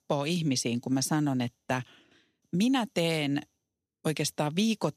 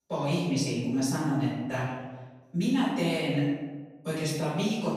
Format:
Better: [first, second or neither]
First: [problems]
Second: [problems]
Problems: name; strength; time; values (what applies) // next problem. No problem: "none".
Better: first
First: none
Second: off-mic speech; far // room echo; strong; dies away in 1.2 s